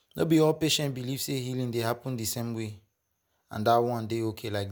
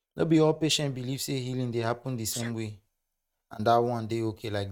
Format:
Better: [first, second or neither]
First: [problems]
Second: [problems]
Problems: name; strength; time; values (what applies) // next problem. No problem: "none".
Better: first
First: none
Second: noise reduction (neural mask model RNNoise)